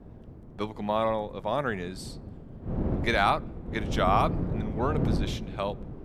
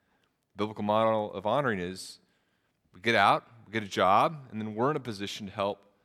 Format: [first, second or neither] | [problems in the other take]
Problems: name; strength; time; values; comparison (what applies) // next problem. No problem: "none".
second | wind noise on the microphone; occasional gusts; 10 dB below the speech